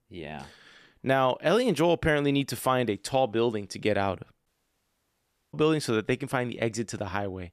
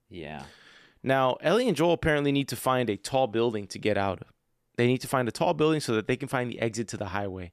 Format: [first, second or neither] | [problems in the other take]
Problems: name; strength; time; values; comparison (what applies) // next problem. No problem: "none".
second | audio cutting out; at 4.5 s for 1 s